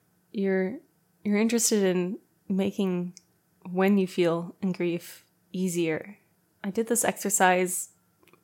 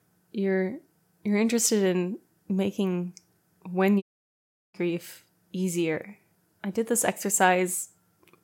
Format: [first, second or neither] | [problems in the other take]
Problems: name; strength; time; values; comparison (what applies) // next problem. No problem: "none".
first | audio cutting out; at 4 s for 0.5 s